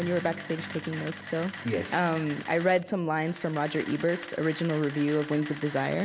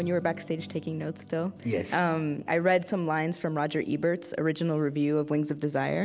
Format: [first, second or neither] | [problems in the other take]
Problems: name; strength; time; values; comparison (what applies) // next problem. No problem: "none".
second | background sound (Camera); 14 dB below the speech